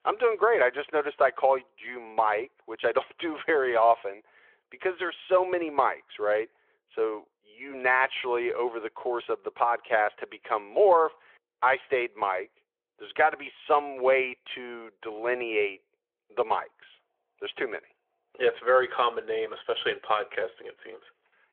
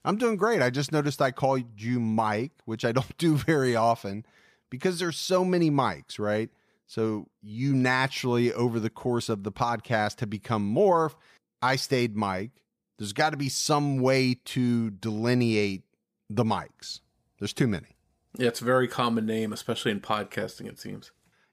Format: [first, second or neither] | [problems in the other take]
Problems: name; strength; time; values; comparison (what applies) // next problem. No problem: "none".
second | phone-call audio